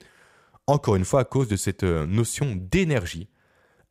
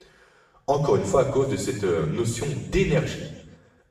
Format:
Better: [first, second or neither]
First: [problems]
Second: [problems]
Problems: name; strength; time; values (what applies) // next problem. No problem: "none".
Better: first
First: none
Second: room echo; noticeable; dies away in 0.9 s // off-mic speech; far